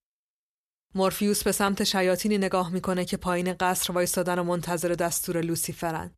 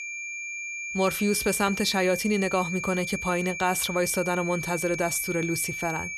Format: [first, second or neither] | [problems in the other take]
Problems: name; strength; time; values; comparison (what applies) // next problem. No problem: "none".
first | high-pitched whine; loud; throughout; 2.5 kHz, 6 dB below the speech